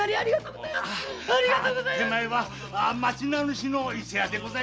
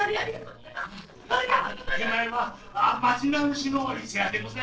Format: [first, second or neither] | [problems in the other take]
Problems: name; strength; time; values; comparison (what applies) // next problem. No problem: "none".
first | noise reduction (neural separator model SepFormer DNS4)